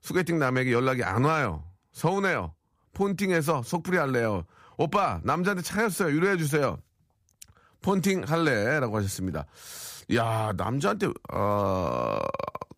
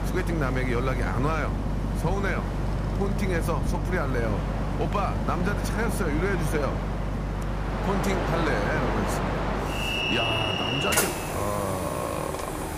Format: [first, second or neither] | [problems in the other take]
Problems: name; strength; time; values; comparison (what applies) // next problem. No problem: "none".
first | train or aircraft noise; very loud; throughout; 2 dB above the speech